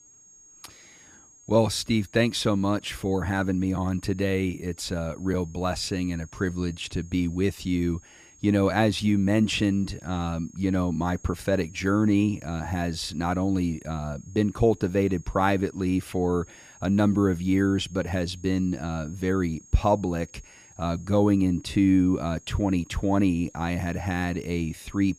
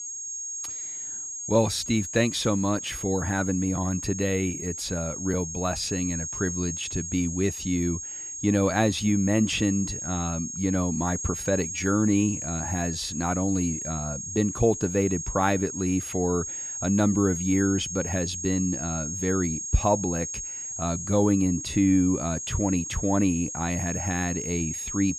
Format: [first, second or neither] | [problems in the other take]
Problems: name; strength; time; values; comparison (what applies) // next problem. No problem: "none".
first | high-pitched whine; loud; throughout; 6.5 kHz, 5 dB below the speech; faint in the first